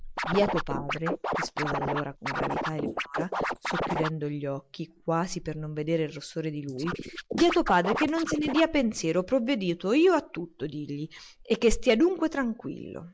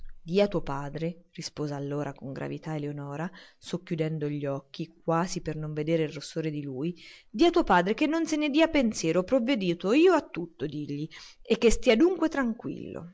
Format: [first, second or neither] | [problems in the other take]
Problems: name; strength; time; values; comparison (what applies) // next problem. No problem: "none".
second | noise reduction (neural mask model Resemble Enhance denoiser)